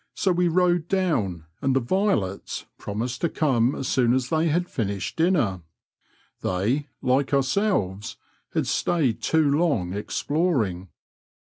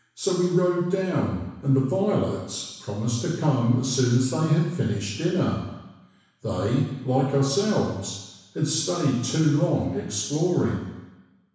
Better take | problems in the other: first | room echo; dies away in 1.1 s

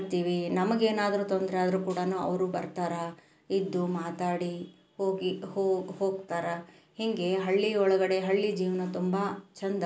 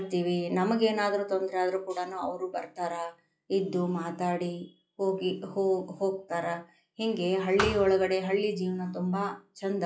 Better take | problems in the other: first | noise reduction (classical method log-MMSE)

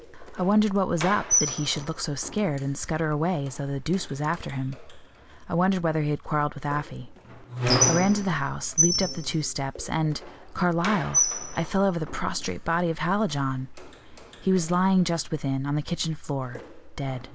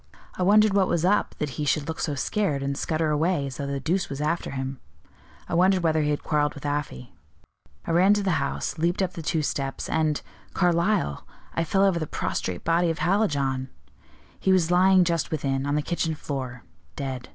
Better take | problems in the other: second | background sound (Squeak); 6 dB below the speech

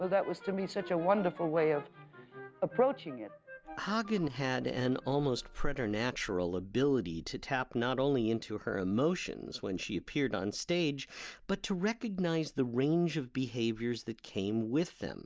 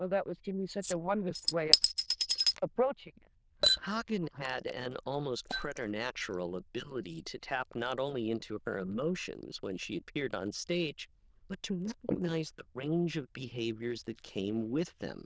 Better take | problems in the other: first | noise reduction (neural diffusion model UNIVERSE++)

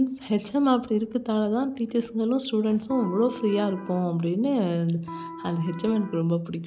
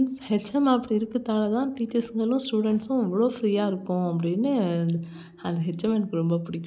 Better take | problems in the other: second | background sound (Electric guitar); 14 dB below the speech

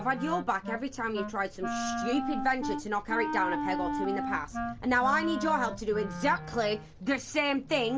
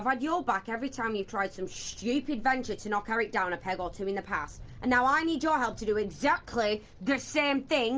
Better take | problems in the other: second | background sound (Wind instrument, woodwind instrument); 6 dB below the speech

